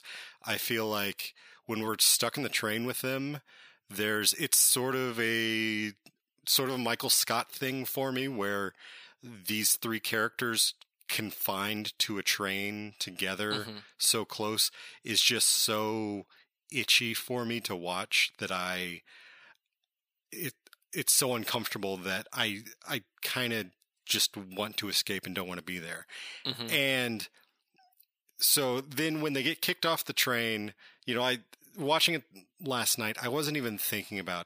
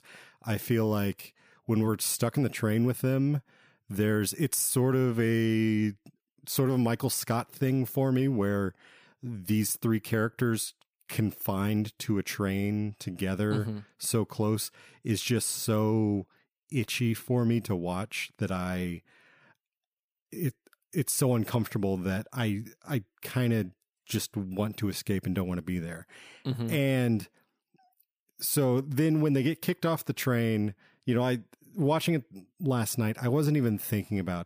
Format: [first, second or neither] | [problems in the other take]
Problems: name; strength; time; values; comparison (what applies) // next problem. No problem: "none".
second | thin; somewhat; fading below 1 kHz